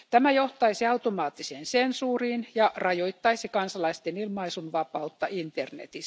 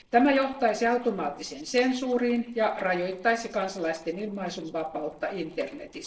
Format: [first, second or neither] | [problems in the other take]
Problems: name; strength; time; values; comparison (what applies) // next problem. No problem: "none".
first | noise reduction (neural separator model SepFormer DNS4)